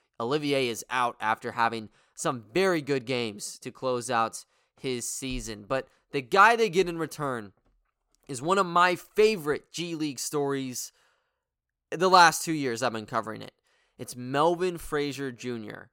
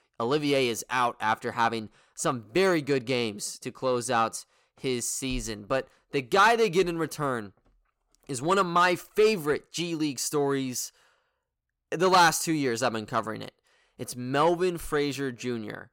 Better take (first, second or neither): first